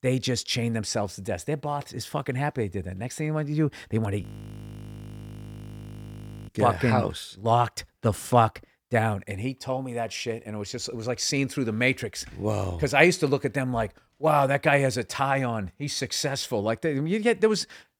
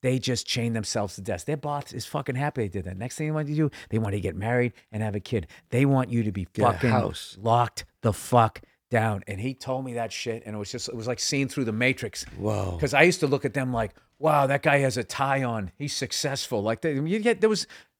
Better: second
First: audio freezing; at 4 s for 2.5 s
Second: none

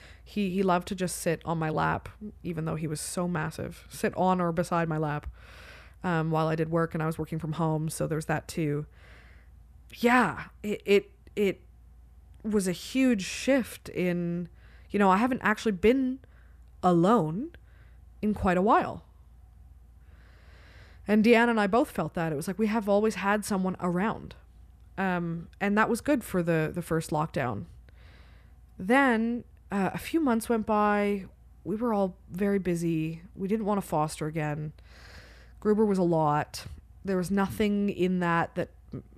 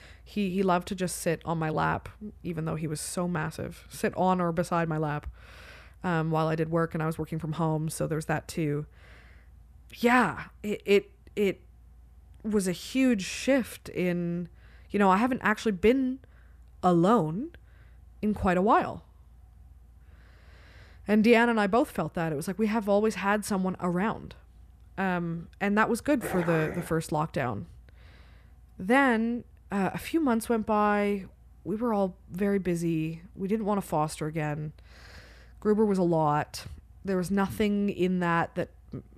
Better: first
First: none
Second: dog barking; noticeable; at 26 s; peak 7 dB below the speech

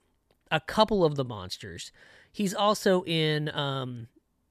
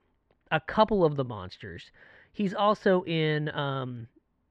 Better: first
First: none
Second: muffled; slightly; fading above 2 kHz

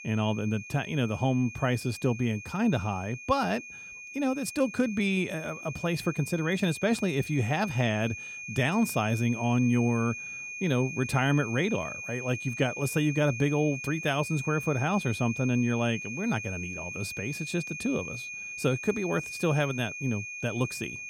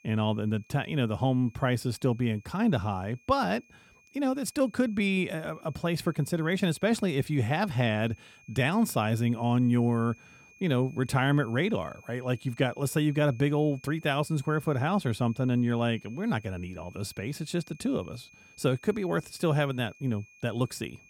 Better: second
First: high-pitched whine; loud; throughout; 2.5 kHz, 9 dB below the speech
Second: high-pitched whine; faint; throughout; 2.5 kHz, 25 dB below the speech

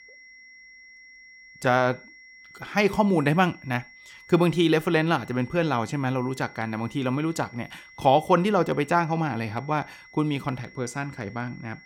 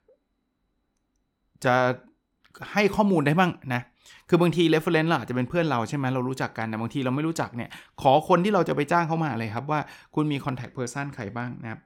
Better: second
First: high-pitched whine; faint; throughout; 2 kHz, 20 dB below the speech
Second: none

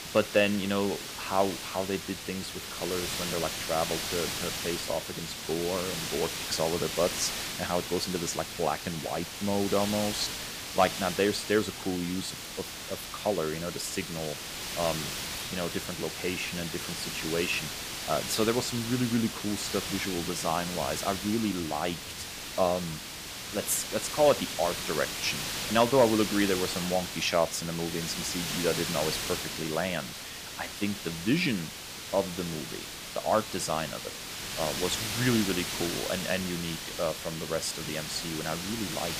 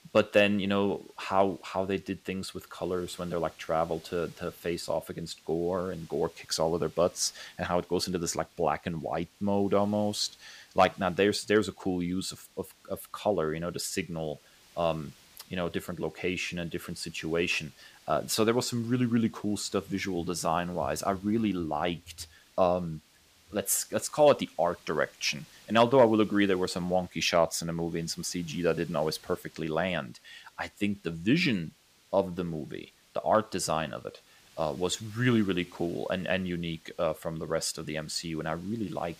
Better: second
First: hiss; loud; throughout; 4 dB below the speech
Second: hiss; faint; throughout; 25 dB below the speech

